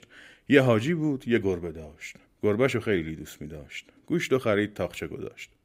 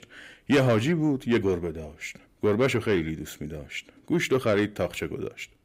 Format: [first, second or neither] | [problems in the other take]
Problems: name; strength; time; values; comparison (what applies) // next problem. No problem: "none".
first | distortion; slight; 10 dB below the speech